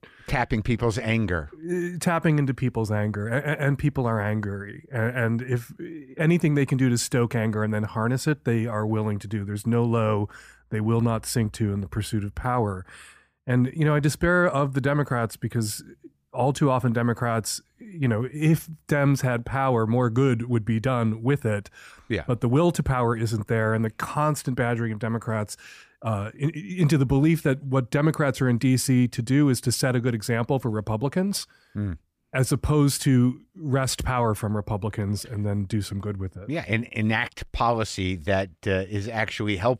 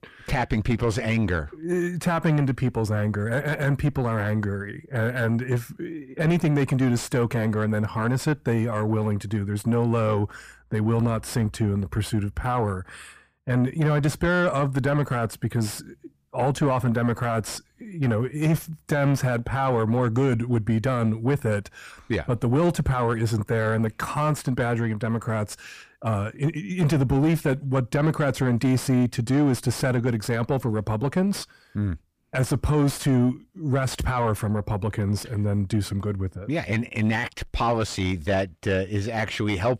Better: first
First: none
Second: distortion; slight; 9 dB below the speech

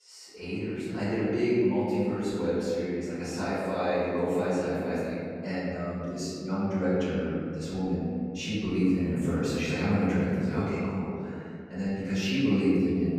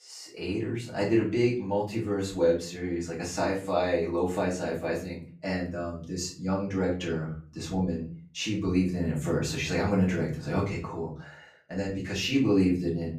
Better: second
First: room echo; strong; dies away in 2.3 s // off-mic speech; far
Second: room echo; slight; dies away in 0.4 s // off-mic speech; far

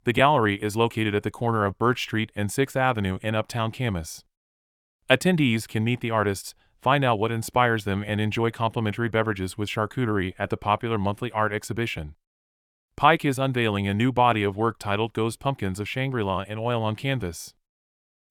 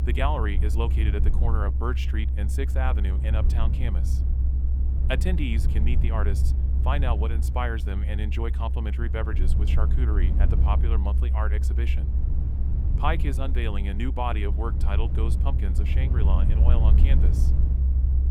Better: first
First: none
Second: low rumble; loud; throughout; 8 dB below the speech

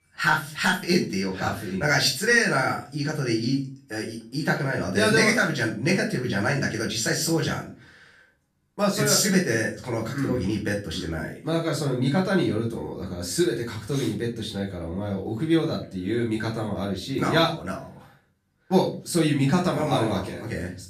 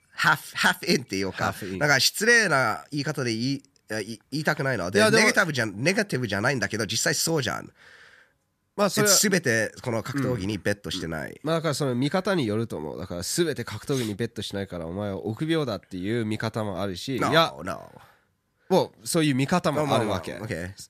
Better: second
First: room echo; slight; dies away in 0.3 s // off-mic speech; far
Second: none

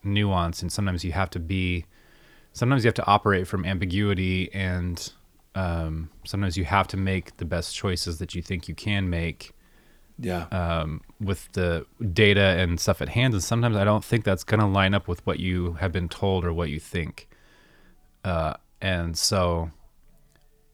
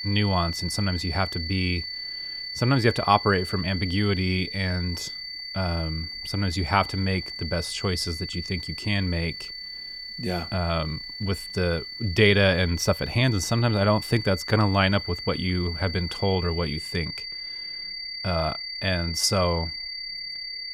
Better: first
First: none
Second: high-pitched whine; loud; throughout; 4.5 kHz, 7 dB below the speech

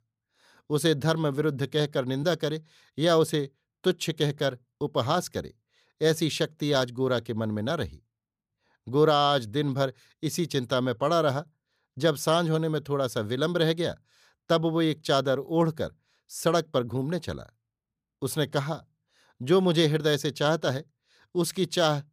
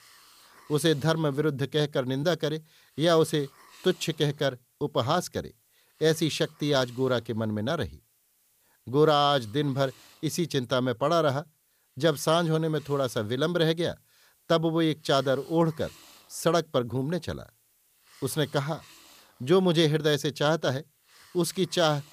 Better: first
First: none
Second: hiss; faint; throughout; 30 dB below the speech

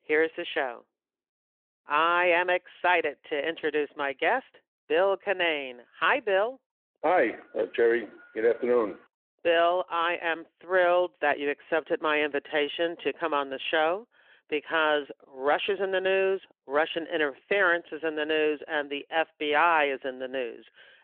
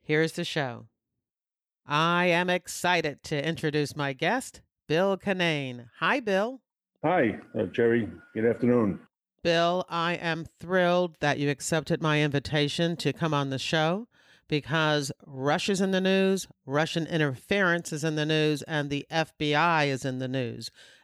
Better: second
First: phone-call audio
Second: none

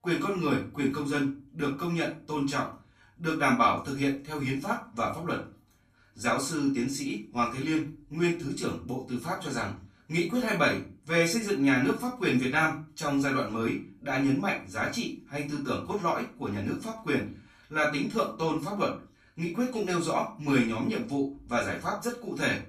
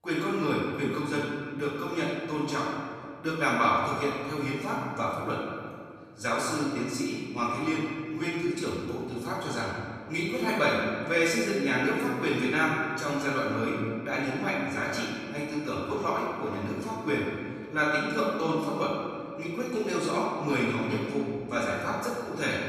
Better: first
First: room echo; slight; dies away in 0.3 s // off-mic speech; far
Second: room echo; strong; dies away in 1.8 s // off-mic speech; far

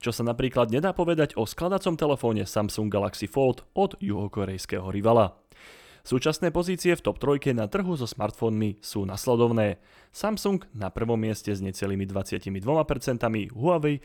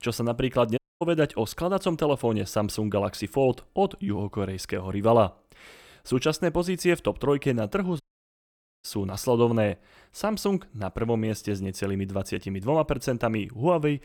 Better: first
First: none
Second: audio cutting out; at 1 s and at 8 s for 1 s

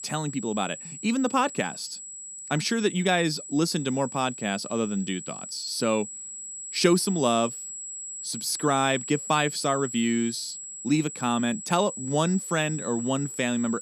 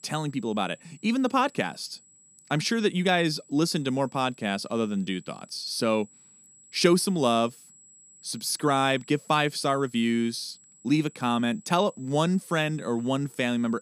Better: second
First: high-pitched whine; loud; throughout; 7.5 kHz, 9 dB below the speech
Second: high-pitched whine; faint; throughout; 7.5 kHz, 25 dB below the speech

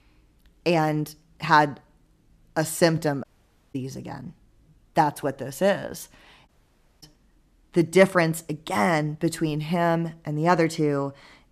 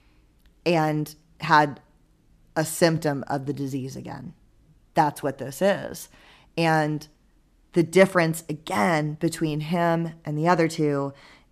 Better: second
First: audio cutting out; at 3 s for 0.5 s and at 6.5 s for 0.5 s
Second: none

